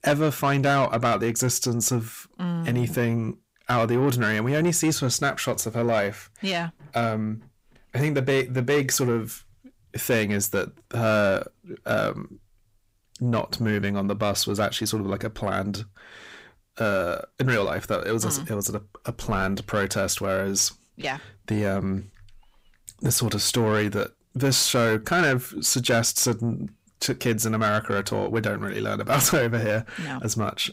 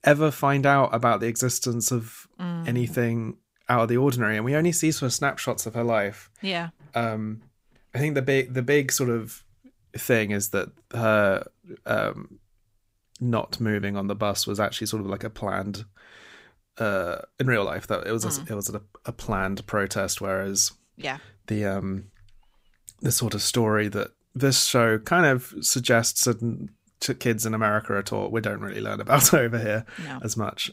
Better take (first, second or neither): second